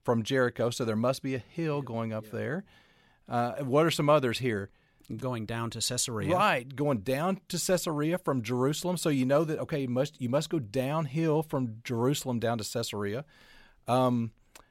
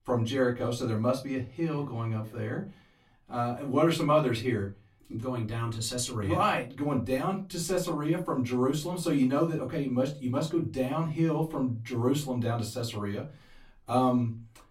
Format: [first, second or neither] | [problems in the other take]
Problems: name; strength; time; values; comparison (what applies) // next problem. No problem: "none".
first | off-mic speech; far // room echo; very slight; dies away in 0.2 s